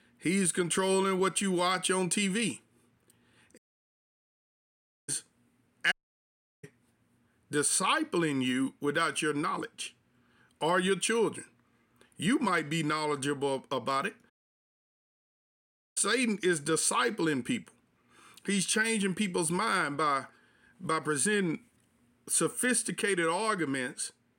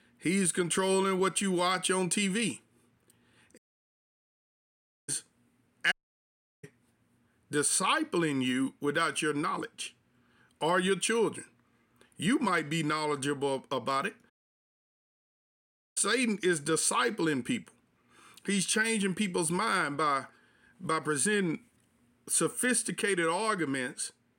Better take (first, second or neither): neither